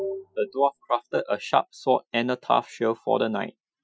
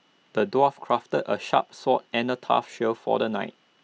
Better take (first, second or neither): second